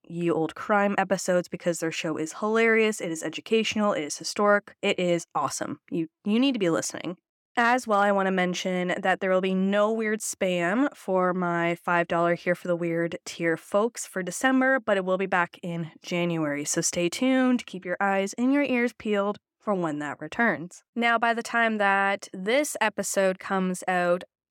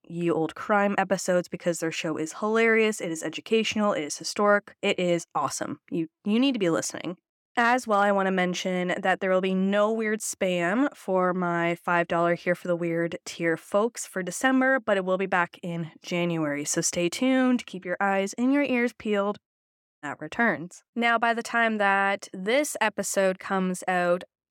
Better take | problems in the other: first | audio cutting out; at 19 s for 0.5 s

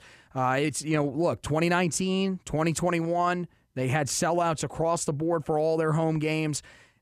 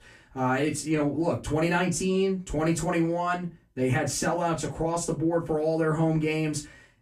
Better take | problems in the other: first | off-mic speech; far // room echo; very slight; dies away in 0.2 s

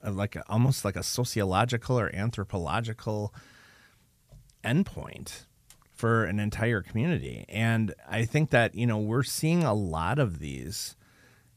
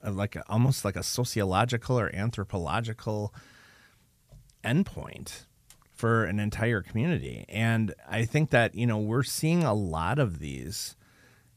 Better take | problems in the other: neither | none

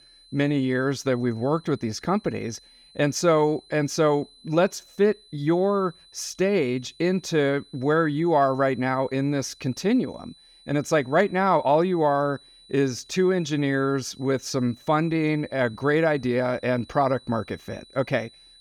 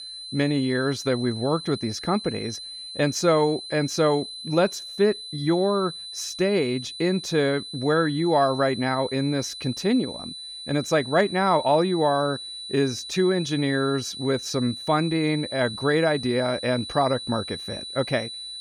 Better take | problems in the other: first | high-pitched whine; loud; throughout; 4 kHz, 10 dB below the speech; faint in the first

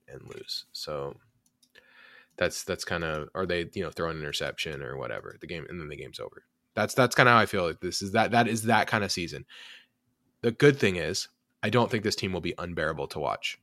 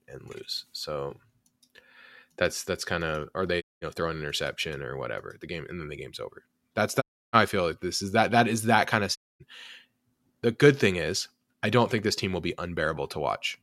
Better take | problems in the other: first | audio cutting out; at 3.5 s, at 7 s and at 9 s

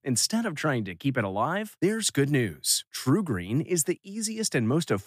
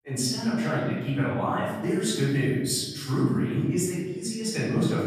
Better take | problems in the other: first | room echo; strong; dies away in 1.2 s // off-mic speech; far

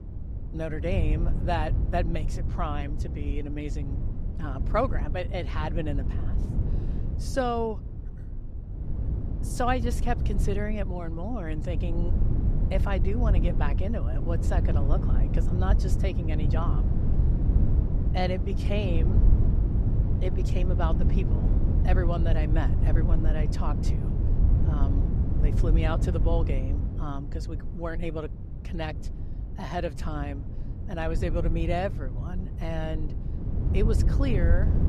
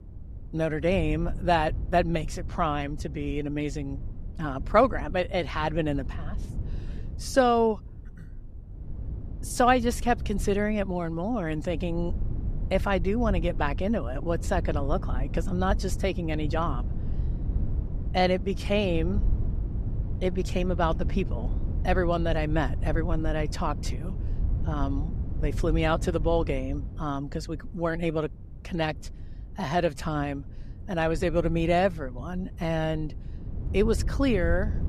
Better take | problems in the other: second | wind noise on the microphone; heavy; 7 dB below the speech; occasional gusts in the second

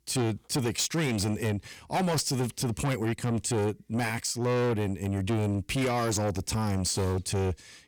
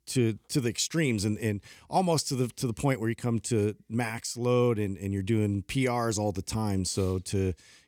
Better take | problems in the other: second | distortion; heavy; 7 dB below the speech

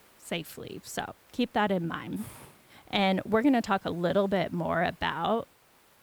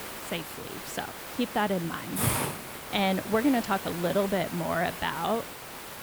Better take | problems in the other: first | hiss; loud; throughout; 5 dB below the speech; faint in the first

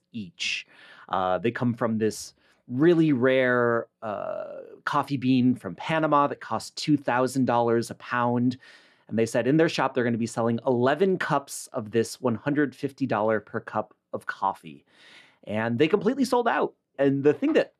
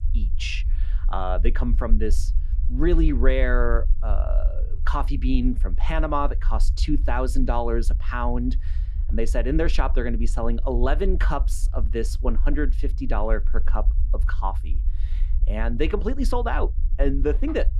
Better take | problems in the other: first | low rumble; faint; throughout; 20 dB below the speech

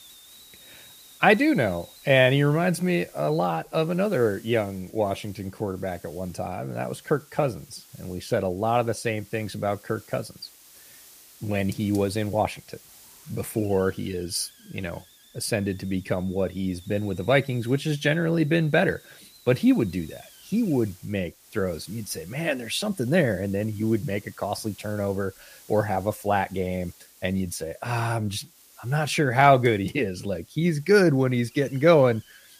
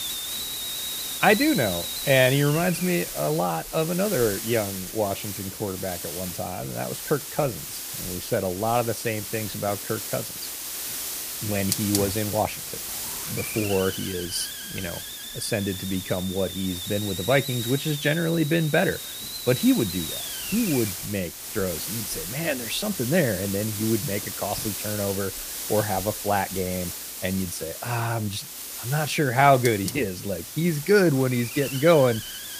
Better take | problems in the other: first | hiss; loud; throughout; 5 dB below the speech; faint in the first

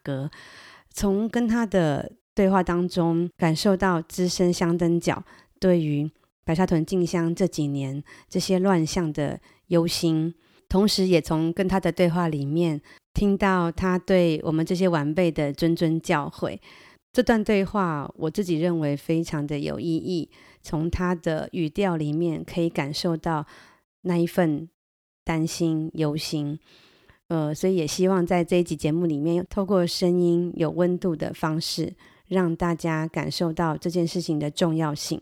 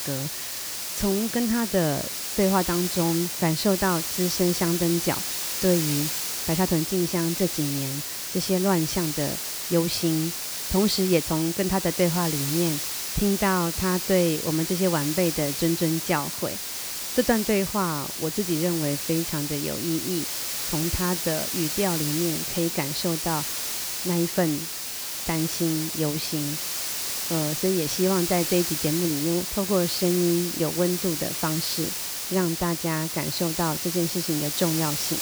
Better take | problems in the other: first | hiss; loud; throughout; 2 dB below the speech

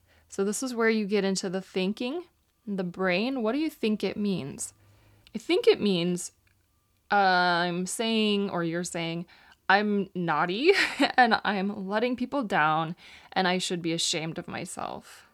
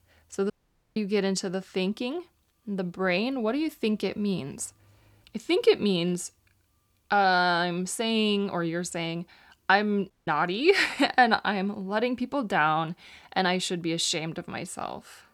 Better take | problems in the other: first | audio cutting out; at 0.5 s and at 10 s

